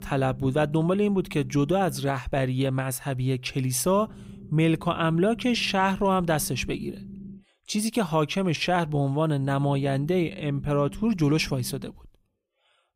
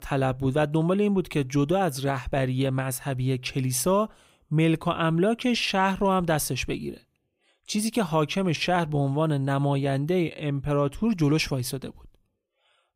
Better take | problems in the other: second | low rumble; faint; until 2 s, from 4 to 7.5 s and from 9.5 to 12 s; 25 dB below the speech

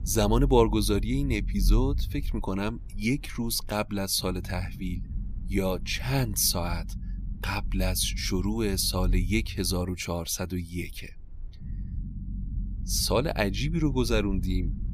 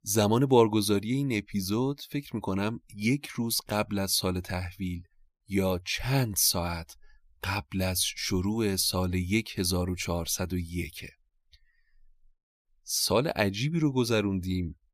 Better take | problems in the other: second | low rumble; faint; throughout; 20 dB below the speech

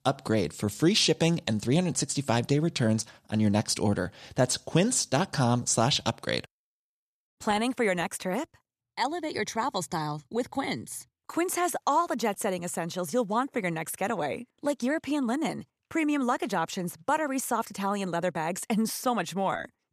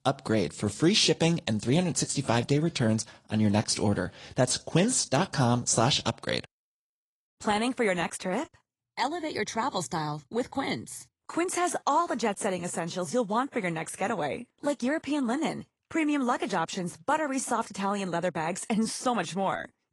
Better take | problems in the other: first | garbled, watery; slightly; nothing above 10 kHz

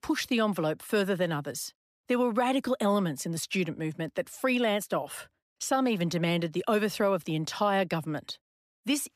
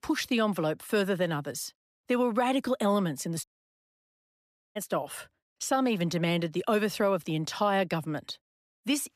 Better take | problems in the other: first | audio cutting out; at 3.5 s for 1.5 s

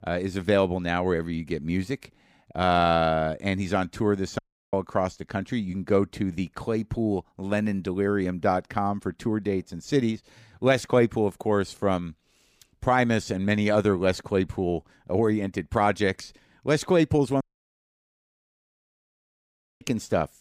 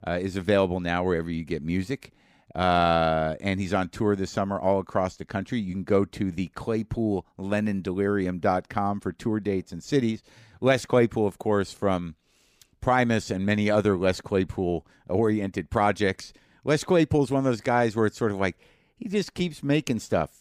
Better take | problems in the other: second | audio cutting out; at 4.5 s and at 17 s for 2.5 s

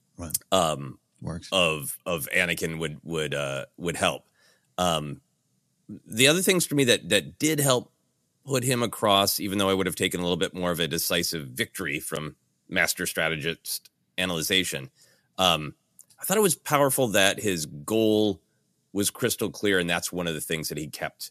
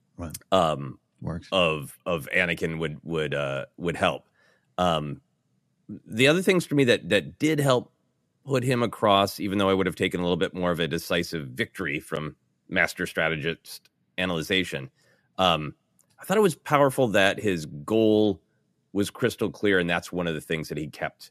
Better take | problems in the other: first | muffled; slightly; fading above 4 kHz

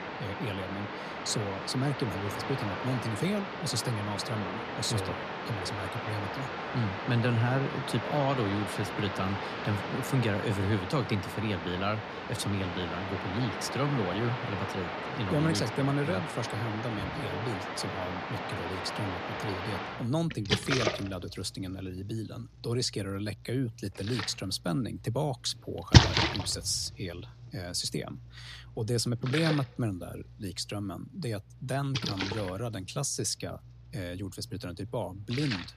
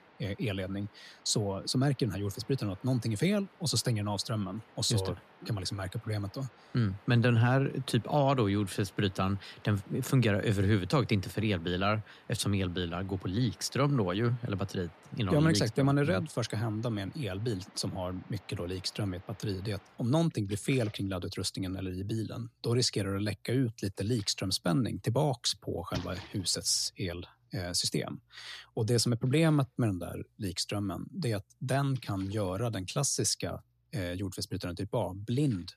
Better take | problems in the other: second | rain or running water; loud; throughout; 1 dB below the speech; faint in the second

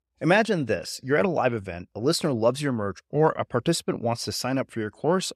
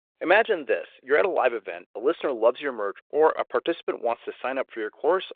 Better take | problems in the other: first | phone-call audio; nothing above 3.5 kHz

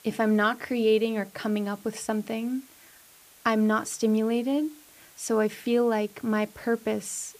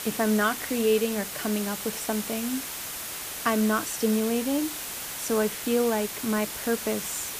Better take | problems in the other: first | hiss; loud; throughout; 5 dB below the speech; faint in the first

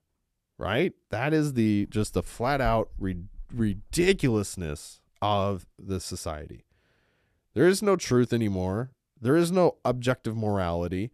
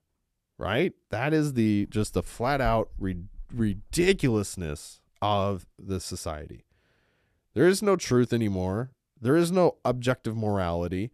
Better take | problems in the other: neither | none

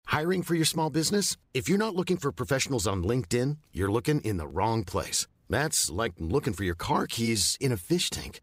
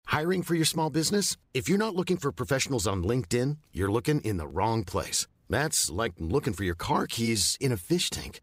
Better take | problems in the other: neither | none

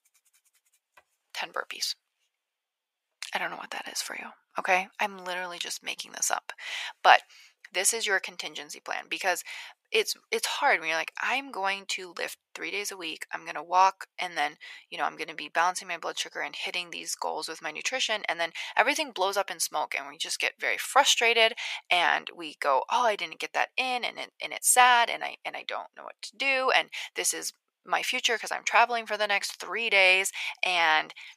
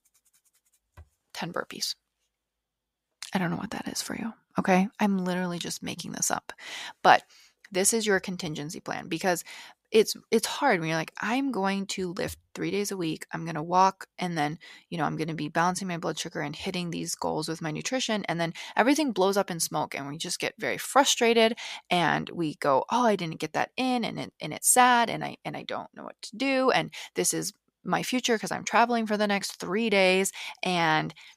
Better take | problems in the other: second | thin; very; fading below 700 Hz

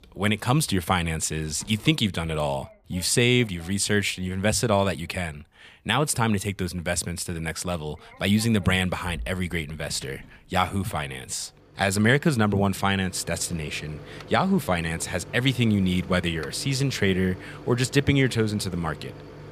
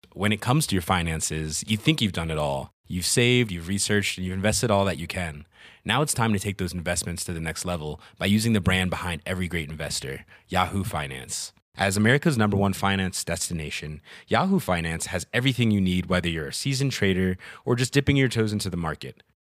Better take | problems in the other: second | household noises; noticeable; throughout; 20 dB below the speech

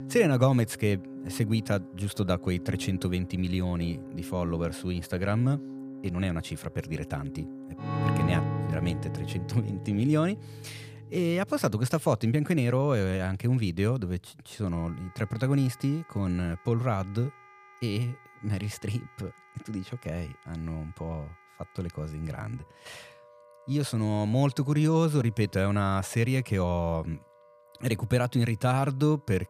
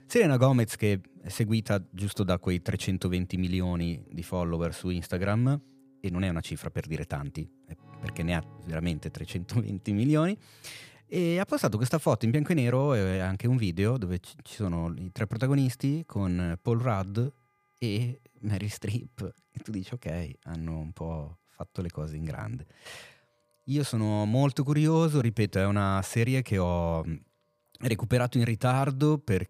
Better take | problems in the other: second | background music; loud; throughout; 9 dB below the speech; faint in the second

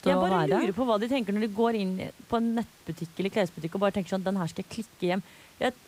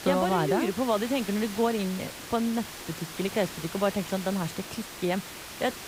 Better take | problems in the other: first | hiss; loud; throughout; 10 dB below the speech; faint in the first

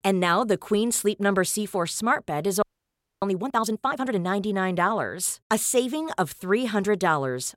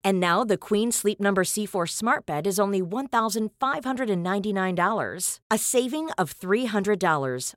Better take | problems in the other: second | audio freezing; at 2.5 s for 0.5 s

